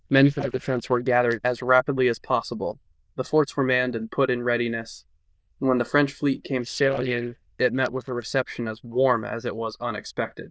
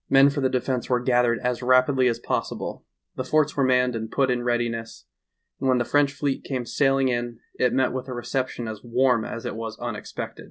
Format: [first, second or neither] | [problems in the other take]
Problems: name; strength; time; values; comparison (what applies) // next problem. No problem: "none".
second | noise reduction (neural diffusion model UNIVERSE++)